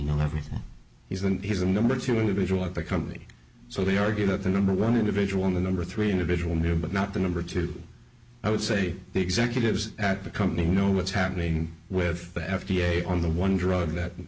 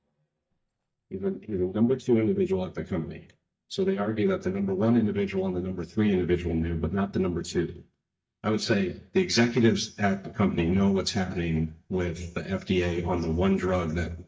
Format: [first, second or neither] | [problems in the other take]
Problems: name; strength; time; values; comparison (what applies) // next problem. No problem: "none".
first | noise reduction (neural mask model DeepFilterNet 3)